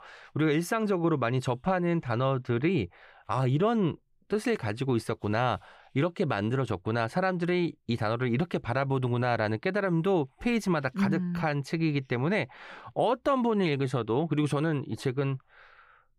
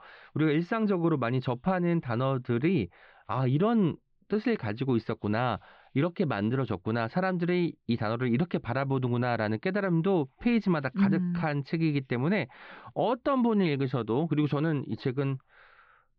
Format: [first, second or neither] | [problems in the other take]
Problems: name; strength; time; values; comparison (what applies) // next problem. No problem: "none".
first | muffled; very slightly; fading above 4.5 kHz